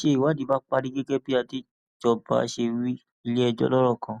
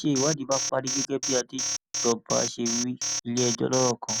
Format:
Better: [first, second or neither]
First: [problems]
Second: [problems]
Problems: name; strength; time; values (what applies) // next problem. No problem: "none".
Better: first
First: none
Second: background sound (Alarm); 3 dB below the speech